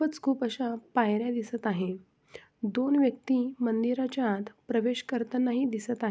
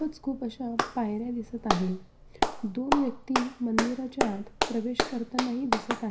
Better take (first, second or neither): first